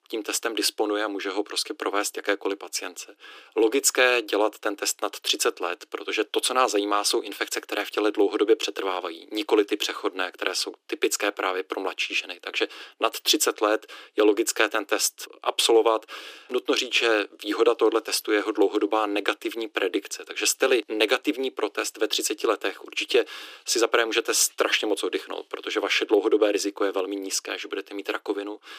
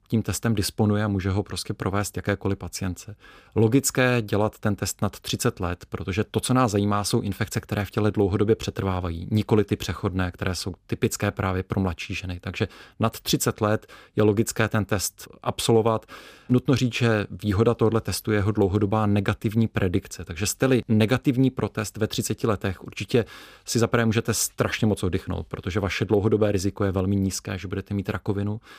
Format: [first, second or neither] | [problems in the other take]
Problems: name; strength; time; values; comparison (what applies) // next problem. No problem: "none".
second | thin; very; fading below 300 Hz